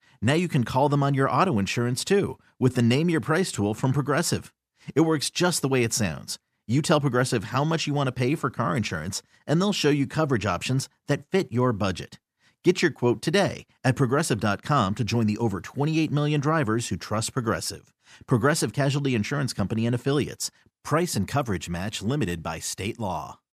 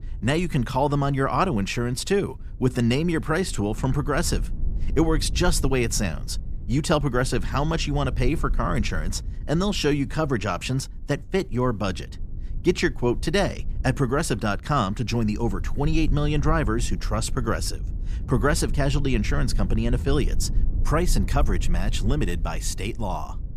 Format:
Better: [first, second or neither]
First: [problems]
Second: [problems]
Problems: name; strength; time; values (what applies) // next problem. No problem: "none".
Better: first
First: none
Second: low rumble; faint; throughout; 20 dB below the speech